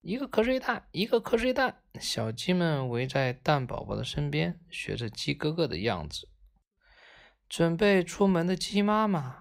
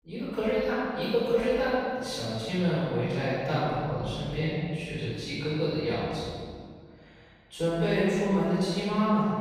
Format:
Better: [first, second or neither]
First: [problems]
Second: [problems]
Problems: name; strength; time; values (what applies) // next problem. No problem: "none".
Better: first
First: none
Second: off-mic speech; far // room echo; strong; dies away in 1.9 s